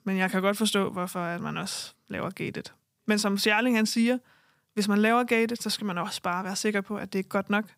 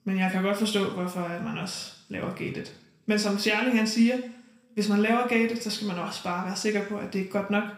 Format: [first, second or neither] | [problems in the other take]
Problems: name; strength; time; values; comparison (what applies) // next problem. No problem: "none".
first | room echo; slight; dies away in 0.7 s // off-mic speech; somewhat distant